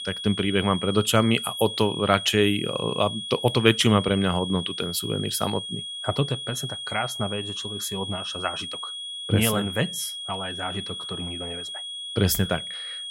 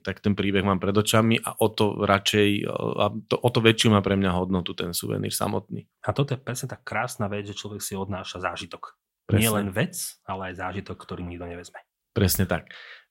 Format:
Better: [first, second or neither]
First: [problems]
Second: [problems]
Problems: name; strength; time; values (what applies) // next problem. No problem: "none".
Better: second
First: high-pitched whine; loud; throughout; 3.5 kHz, 7 dB below the speech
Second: none